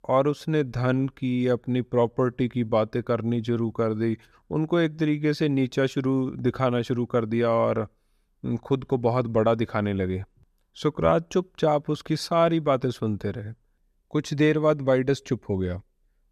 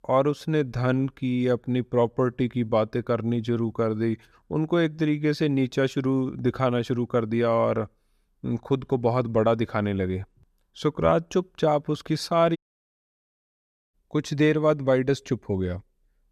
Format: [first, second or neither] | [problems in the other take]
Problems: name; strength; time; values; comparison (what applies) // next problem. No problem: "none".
first | audio cutting out; at 13 s for 1.5 s